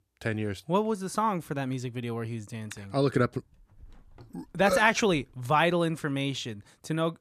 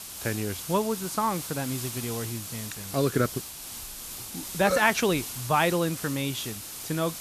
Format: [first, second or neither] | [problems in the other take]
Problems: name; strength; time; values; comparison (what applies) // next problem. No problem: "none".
first | hiss; loud; throughout; 8 dB below the speech